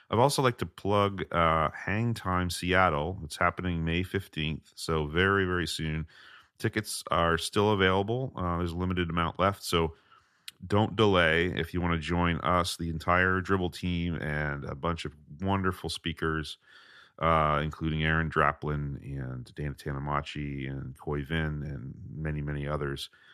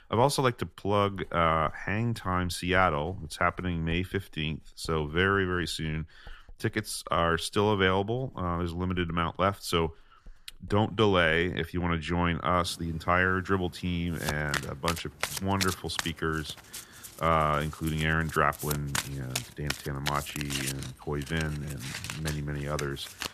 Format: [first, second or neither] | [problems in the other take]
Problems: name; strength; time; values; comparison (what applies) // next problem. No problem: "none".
first | household noises; loud; throughout; 8 dB below the speech